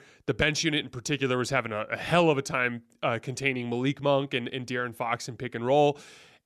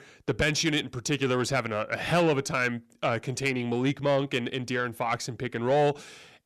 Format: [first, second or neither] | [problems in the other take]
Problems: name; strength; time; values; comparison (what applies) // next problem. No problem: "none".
first | distortion; slight; 10 dB below the speech